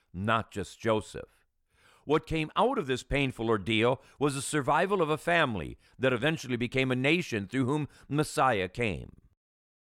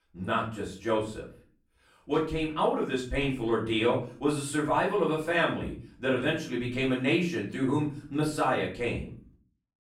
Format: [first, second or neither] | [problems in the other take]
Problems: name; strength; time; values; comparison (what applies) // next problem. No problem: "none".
first | off-mic speech; far // room echo; slight; dies away in 0.4 s